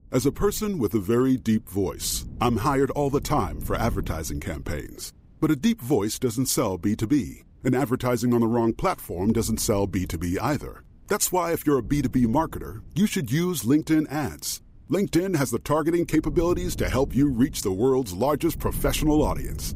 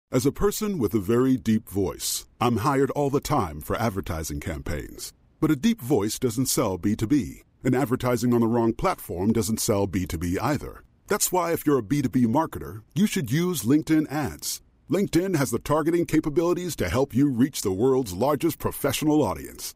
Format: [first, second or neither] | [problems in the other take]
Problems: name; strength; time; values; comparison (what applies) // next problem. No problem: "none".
second | wind noise on the microphone; occasional gusts; 25 dB below the speech